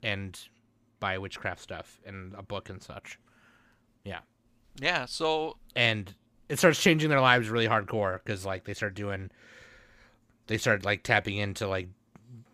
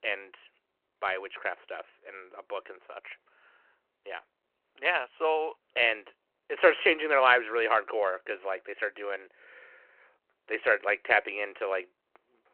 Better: first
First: none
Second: phone-call audio

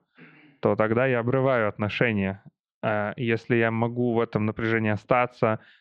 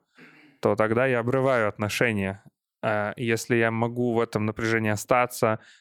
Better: second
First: muffled; very; fading above 3.5 kHz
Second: none

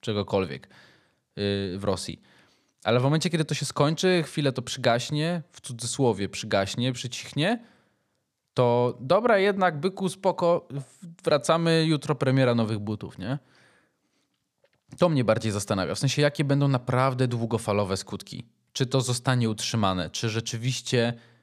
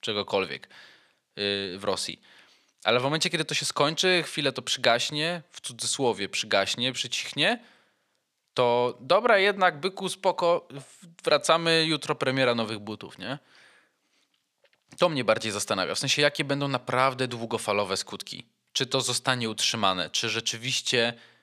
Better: first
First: none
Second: thin; somewhat; fading below 1 kHz

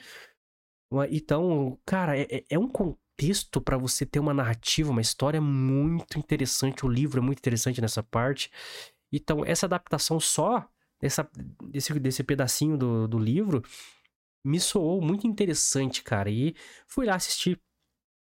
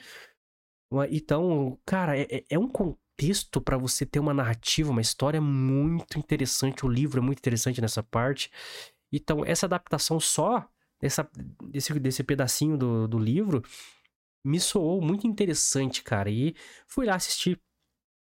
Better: neither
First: none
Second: none

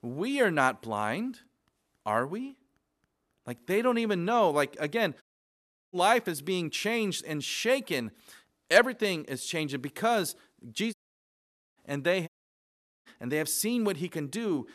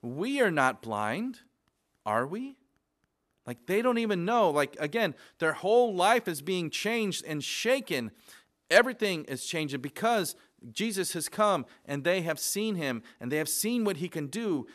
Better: second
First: audio cutting out; at 5 s for 0.5 s, at 11 s for 1 s and at 12 s for 1 s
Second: none

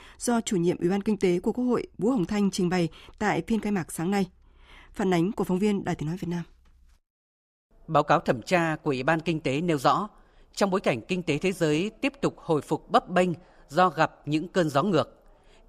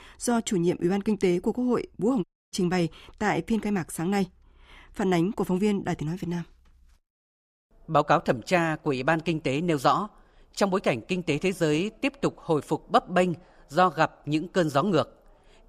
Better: first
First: none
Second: audio cutting out; at 2 s

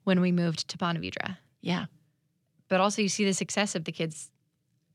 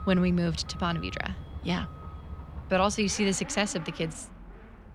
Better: first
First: none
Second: traffic noise; noticeable; throughout; 15 dB below the speech

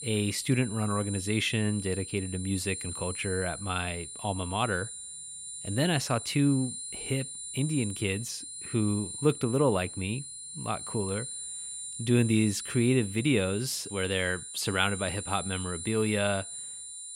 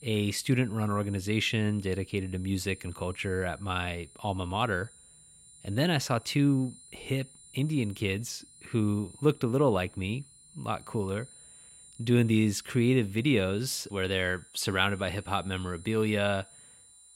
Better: second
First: high-pitched whine; loud; throughout; 9.5 kHz, 8 dB below the speech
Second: high-pitched whine; faint; throughout; 9.5 kHz, 20 dB below the speech

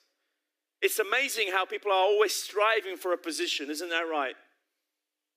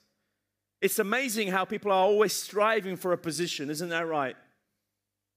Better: second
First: thin; somewhat; fading below 300 Hz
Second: none

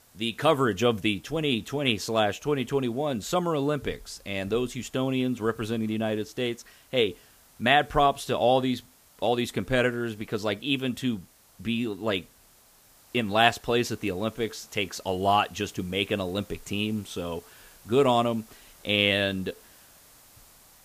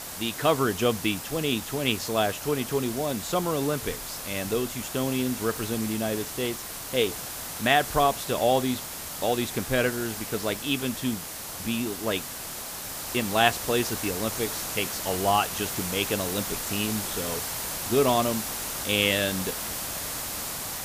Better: first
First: hiss; faint; throughout; 25 dB below the speech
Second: hiss; loud; throughout; 5 dB below the speech

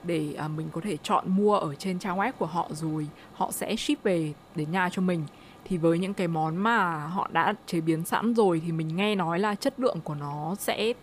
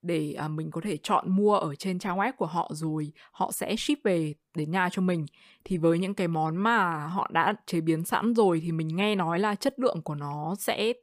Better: second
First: hiss; faint; throughout; 25 dB below the speech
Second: none

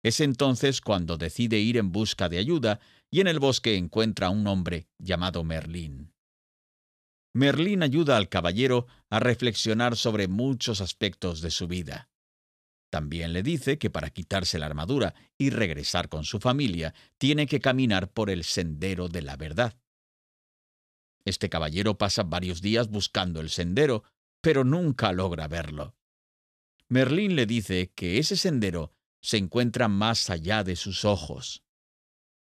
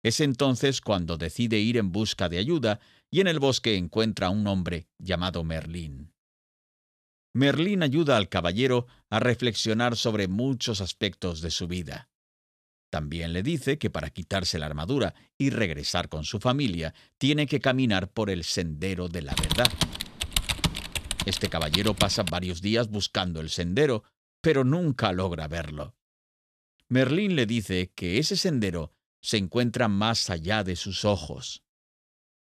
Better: first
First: none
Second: keyboard typing; loud; from 19 to 22 s; peak 3 dB above the speech

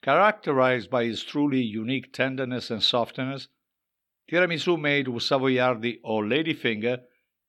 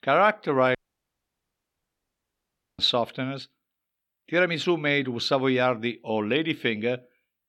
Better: first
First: none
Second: audio cutting out; at 1 s for 2 s

